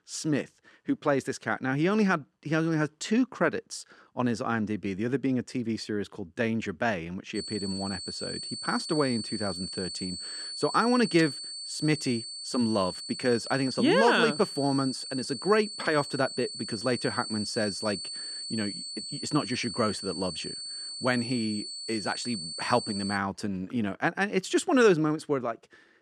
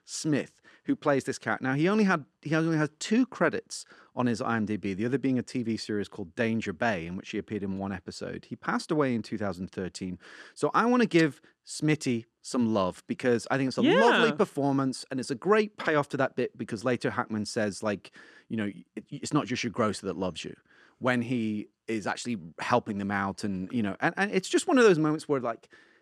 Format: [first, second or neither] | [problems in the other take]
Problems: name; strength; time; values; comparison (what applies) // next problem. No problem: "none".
second | high-pitched whine; loud; from 7.5 to 23 s; 4.5 kHz, 7 dB below the speech